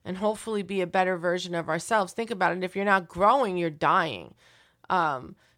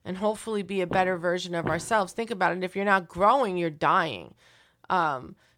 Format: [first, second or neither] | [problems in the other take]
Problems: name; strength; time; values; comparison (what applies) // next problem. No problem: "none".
first | footsteps; noticeable; at 1 s; peak 10 dB below the speech